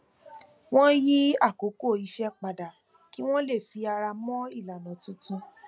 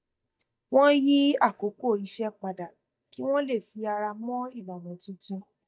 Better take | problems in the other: first | noise reduction (neural mask model DeepFilterNet 3)

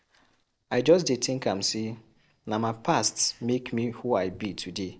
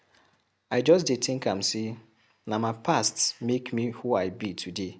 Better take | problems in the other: second | noise reduction (neural separator model SepFormer DNS4)

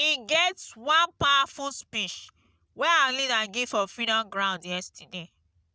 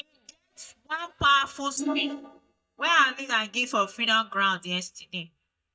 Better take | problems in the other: first | noise reduction (neural mask model DeepFilterNet 3)

